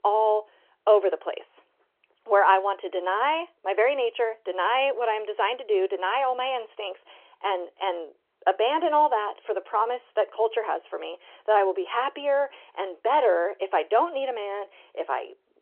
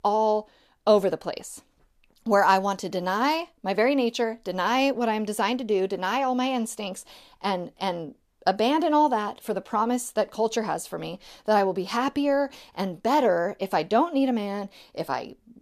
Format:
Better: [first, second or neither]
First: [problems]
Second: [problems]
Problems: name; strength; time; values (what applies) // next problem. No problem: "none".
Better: second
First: phone-call audio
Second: none